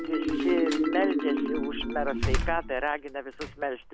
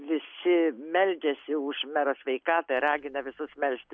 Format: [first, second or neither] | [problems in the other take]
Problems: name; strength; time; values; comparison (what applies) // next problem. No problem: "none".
second | background sound (Slam + Marimba, xylophone); 2 dB above the speech